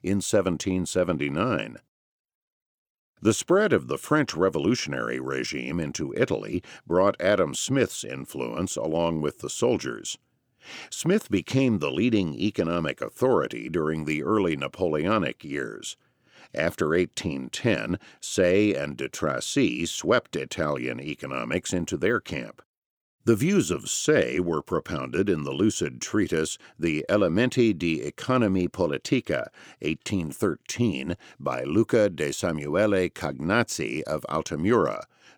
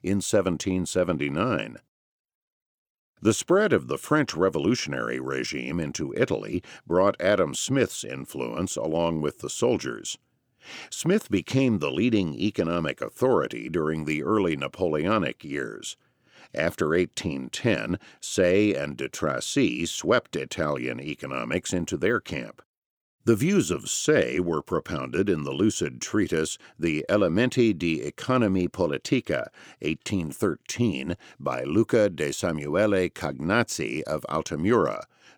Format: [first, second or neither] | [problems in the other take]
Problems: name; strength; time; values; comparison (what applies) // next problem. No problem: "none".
neither | none